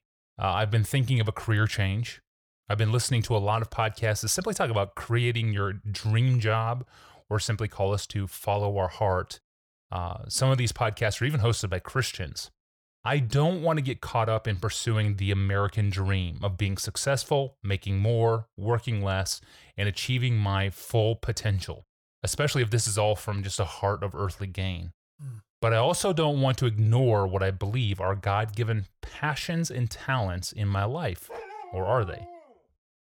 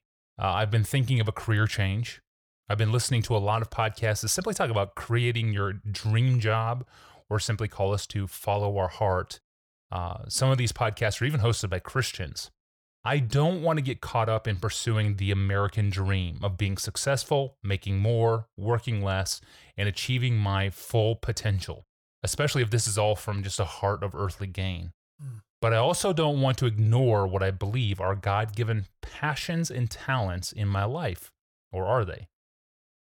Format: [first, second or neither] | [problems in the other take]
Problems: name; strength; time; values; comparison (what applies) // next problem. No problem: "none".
second | dog barking; faint; from 31 to 33 s; peak 15 dB below the speech